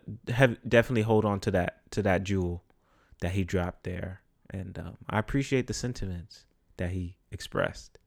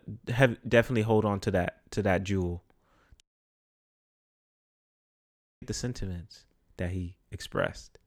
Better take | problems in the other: first | audio cutting out; at 3 s for 2.5 s

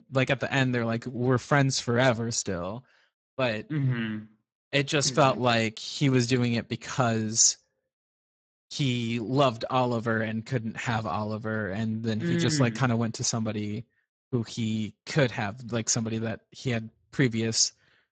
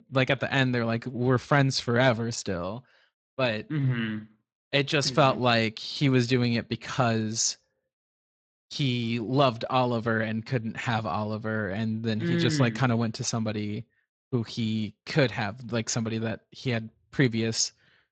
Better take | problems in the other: second | garbled, watery; badly; nothing above 7.5 kHz; slightly in the second

